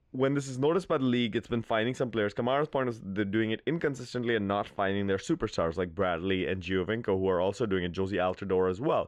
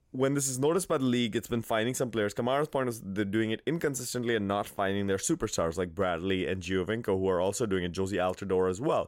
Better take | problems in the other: second | muffled; slightly; fading above 3 kHz

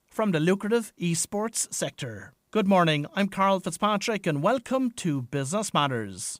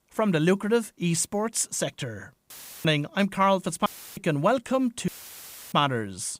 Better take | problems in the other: first | audio cutting out; filled with static; at 2.5 s, at 4 s and at 5 s for 0.5 s

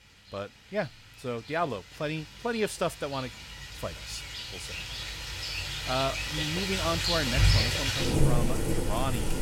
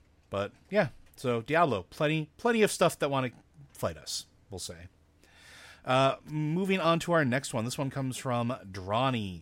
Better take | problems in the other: second | rain or running water; very loud; throughout; 4 dB above the speech

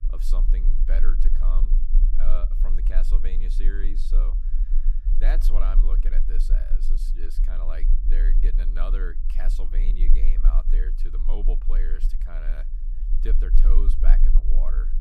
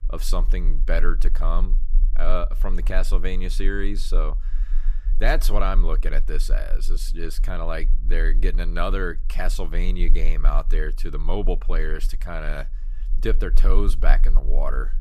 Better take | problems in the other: second | low rumble; loud; throughout; 9 dB below the speech; faint in the second

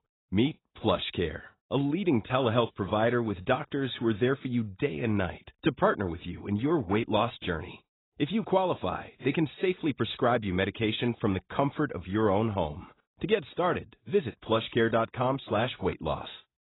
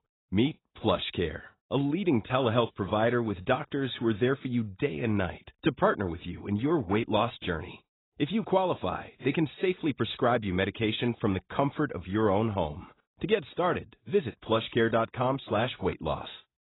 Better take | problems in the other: neither | garbled, watery; badly; nothing above 4 kHz; the same in both

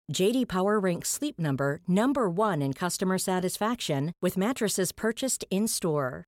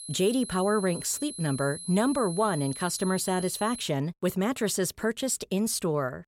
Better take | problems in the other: first | high-pitched whine; noticeable; until 4 s; 10.5 kHz, 10 dB below the speech

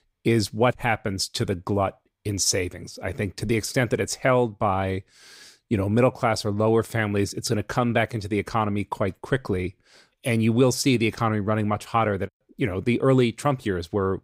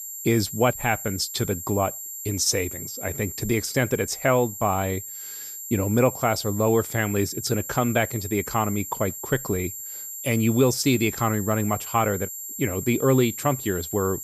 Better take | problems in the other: first | high-pitched whine; loud; throughout; 7.5 kHz, 8 dB below the speech

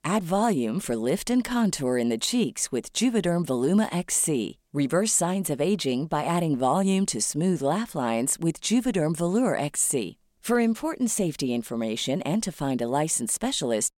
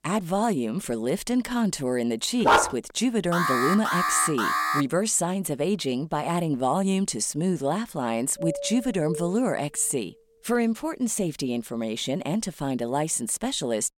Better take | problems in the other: first | dog barking; loud; at 2.5 s; peak 6 dB above the speech // alarm; loud; from 3.5 to 5 s; peak 2 dB above the speech // doorbell; noticeable; from 8.5 to 9.5 s; peak 6 dB below the speech

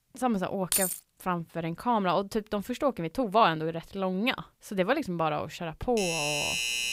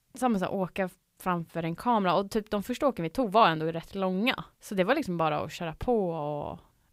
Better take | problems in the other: second | jangling keys; loud; at 0.5 s; peak 3 dB above the speech // doorbell; loud; at 6 s; peak 2 dB above the speech

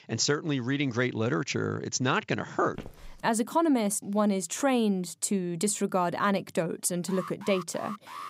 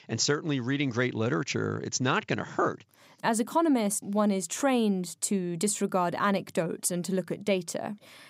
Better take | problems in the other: second | footsteps; faint; at 2.5 s; peak 15 dB below the speech // alarm; faint; from 7 s on; peak 15 dB below the speech

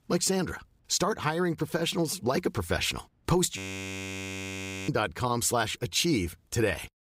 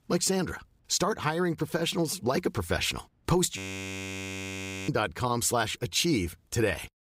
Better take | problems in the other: neither | audio freezing; at 3.5 s for 1.5 s; the same in both

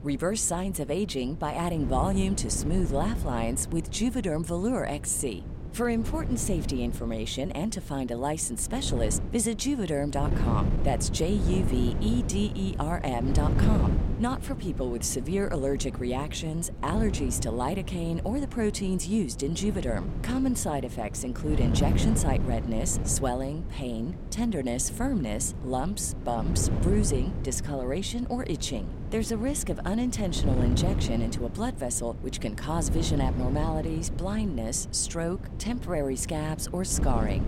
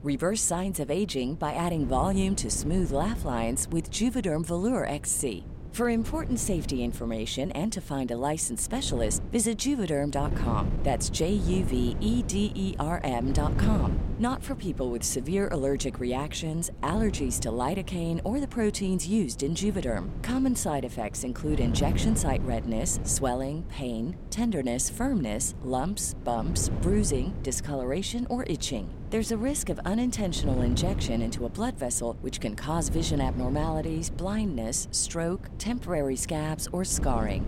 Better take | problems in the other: second | wind noise on the microphone; heavy; 10 dB below the speech; occasional gusts in the second

